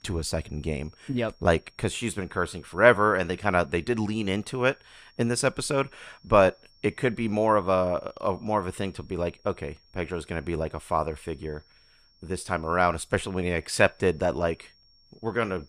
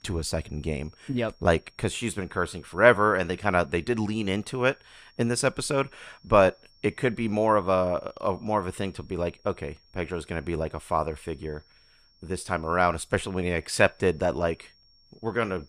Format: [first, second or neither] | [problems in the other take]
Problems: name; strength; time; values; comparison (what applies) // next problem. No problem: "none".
neither | high-pitched whine; faint; throughout; 5.5 kHz, 35 dB below the speech; the same in both